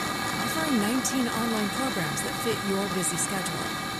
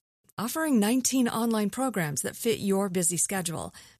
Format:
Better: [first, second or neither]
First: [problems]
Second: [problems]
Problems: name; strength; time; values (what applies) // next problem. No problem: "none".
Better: second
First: hiss; loud; throughout; as loud as the speech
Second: none